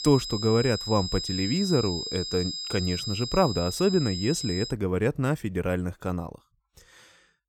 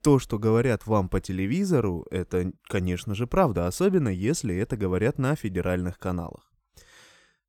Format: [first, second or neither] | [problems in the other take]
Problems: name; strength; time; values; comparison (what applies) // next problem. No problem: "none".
second | high-pitched whine; loud; until 4.5 s; 5 kHz, 5 dB below the speech